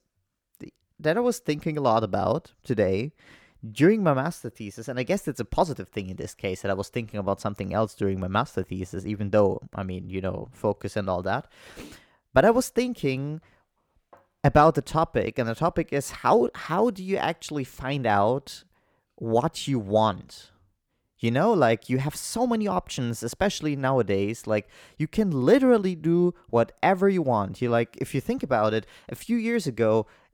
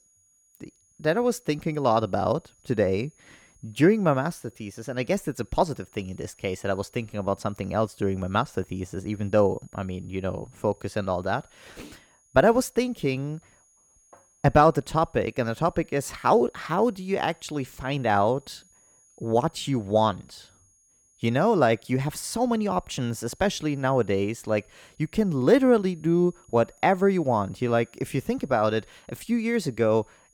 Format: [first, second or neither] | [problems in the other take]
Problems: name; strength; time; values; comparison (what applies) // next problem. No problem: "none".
first | high-pitched whine; faint; throughout; 6.5 kHz, 35 dB below the speech